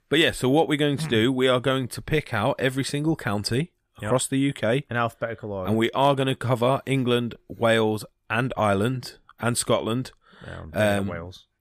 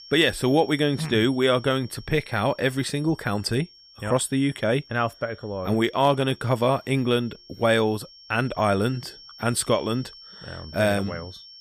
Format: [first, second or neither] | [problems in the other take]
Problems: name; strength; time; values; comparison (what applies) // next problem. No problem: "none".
first | high-pitched whine; faint; throughout; 5.5 kHz, 20 dB below the speech